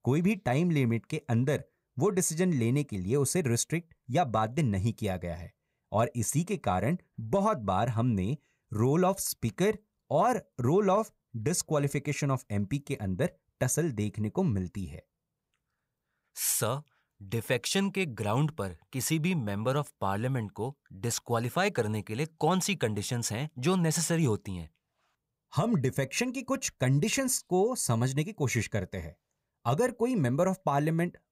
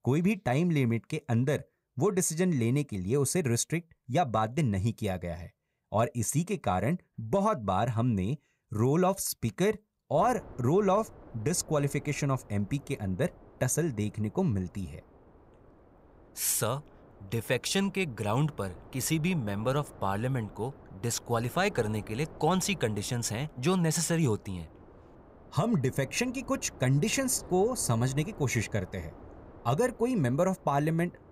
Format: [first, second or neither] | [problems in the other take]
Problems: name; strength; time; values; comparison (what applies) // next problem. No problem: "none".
first | wind noise on the microphone; occasional gusts; from 10 s on; 20 dB below the speech